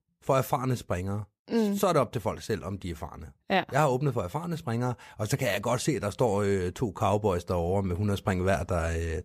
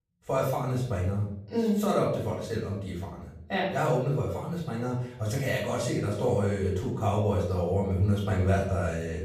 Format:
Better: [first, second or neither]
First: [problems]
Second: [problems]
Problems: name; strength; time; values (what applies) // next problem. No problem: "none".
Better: first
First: none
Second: off-mic speech; far // room echo; noticeable; dies away in 0.7 s